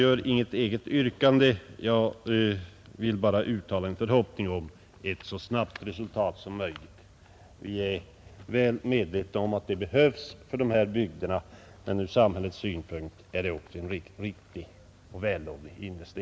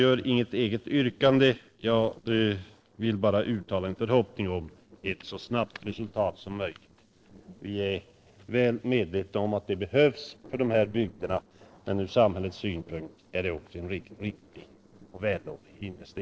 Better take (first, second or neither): first